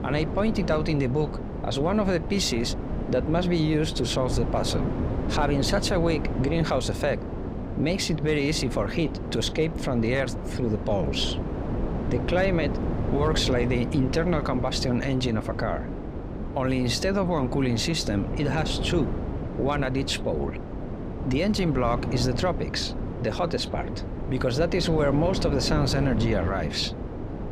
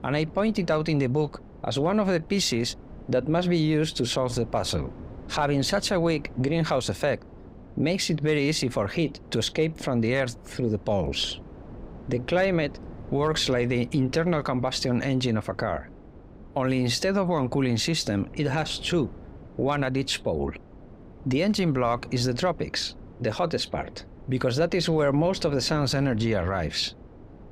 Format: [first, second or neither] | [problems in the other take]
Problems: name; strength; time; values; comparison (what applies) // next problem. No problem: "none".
second | wind noise on the microphone; heavy; 8 dB below the speech; occasional gusts in the second